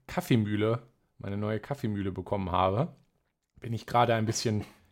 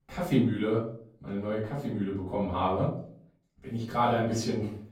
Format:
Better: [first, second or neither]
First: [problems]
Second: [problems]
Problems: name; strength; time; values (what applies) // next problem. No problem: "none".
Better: first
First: none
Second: off-mic speech; far // room echo; noticeable; dies away in 0.5 s